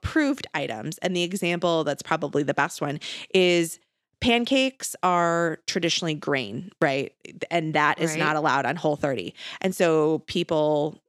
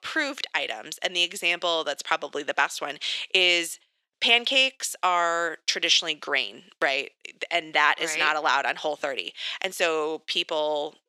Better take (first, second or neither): first